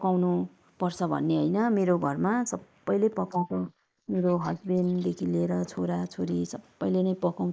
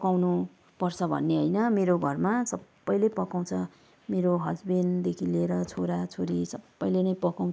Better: second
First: noise reduction (neural mask model Resemble Enhance denoiser)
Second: none

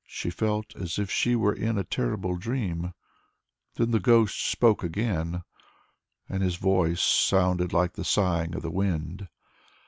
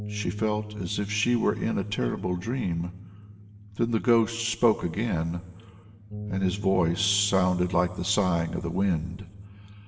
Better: first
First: none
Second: background sound (Bass guitar); 13 dB below the speech // room echo; dies away in 1.8 s

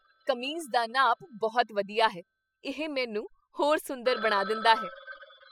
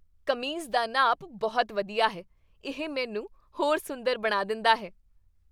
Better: second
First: noise reduction (classical method spectral subtraction)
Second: none

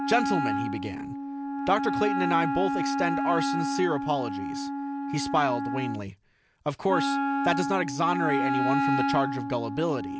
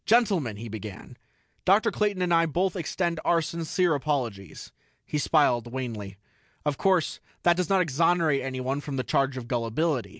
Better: second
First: background sound (Wind instrument, woodwind instrument); as loud as the speech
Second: none

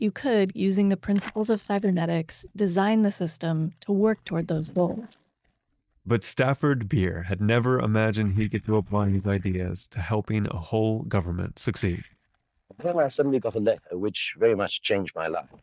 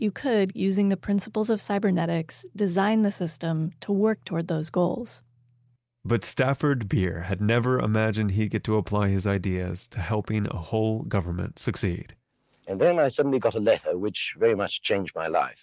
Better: second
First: noise reduction (neural mask model DeepFilterNet 3)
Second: none

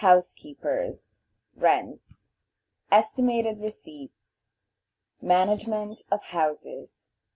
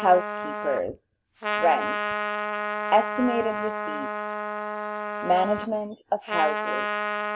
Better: first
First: none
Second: background sound (Trumpet); 3 dB below the speech

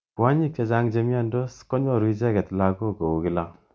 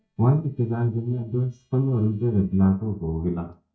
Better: first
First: none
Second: noise reduction (neural mask model DeepFilterNet 3)

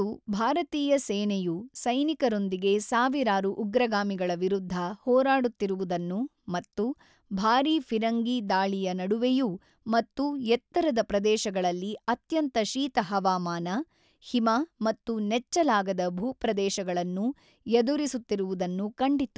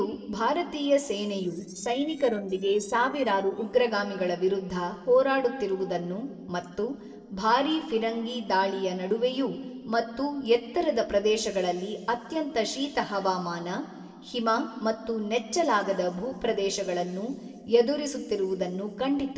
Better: first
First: none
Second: noise reduction (neural separator model SepFormer DNS4)

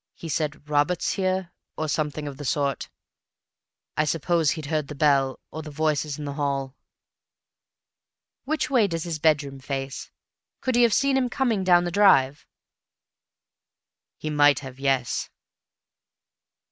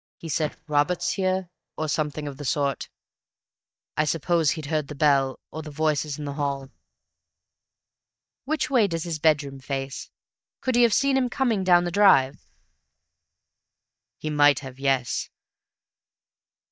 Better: first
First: none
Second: noise reduction (neural mask model DeepFilterNet 3)

